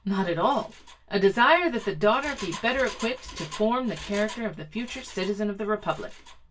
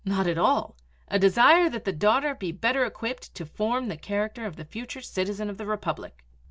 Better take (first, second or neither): second